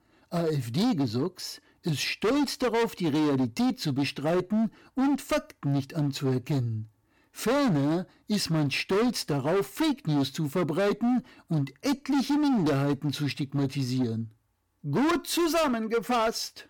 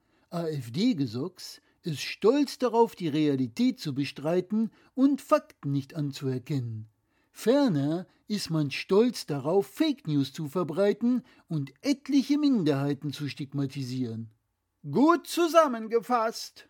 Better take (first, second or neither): second